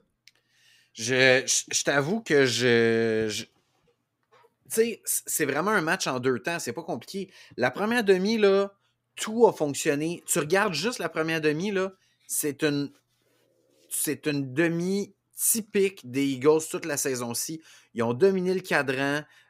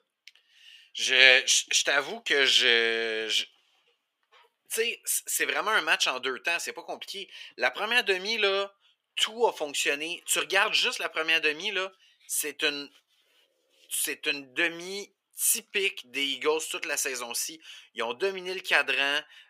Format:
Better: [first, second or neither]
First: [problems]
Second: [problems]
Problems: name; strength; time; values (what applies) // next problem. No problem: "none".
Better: first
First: none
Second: thin; very; fading below 550 Hz